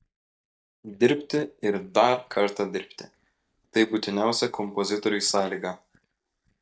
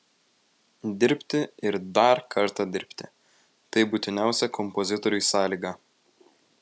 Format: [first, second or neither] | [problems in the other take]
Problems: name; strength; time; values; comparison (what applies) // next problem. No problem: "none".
second | noise reduction (neural mask model DeepFilterNet 3)